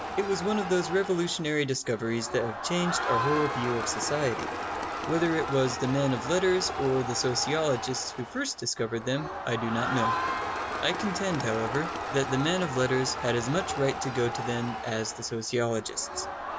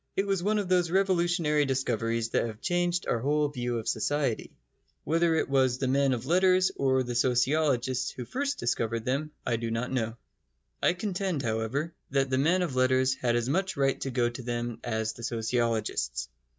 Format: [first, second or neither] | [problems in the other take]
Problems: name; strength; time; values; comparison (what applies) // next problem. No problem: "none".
second | background sound (Crowd); 5 dB below the speech